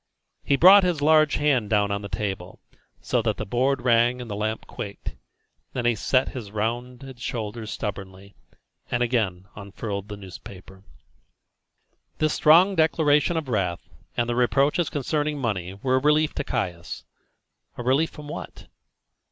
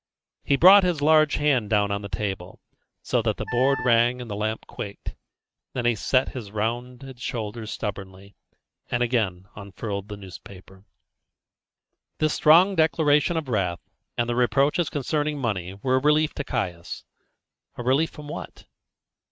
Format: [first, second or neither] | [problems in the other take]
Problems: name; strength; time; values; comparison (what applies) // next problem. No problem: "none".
first | noise reduction (neural mask model RNNoise)